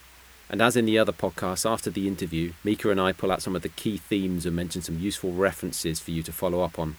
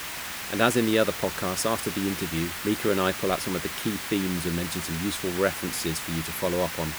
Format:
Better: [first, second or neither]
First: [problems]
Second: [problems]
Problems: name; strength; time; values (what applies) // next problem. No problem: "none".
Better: first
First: hiss; faint; throughout; 25 dB below the speech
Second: hiss; loud; throughout; 5 dB below the speech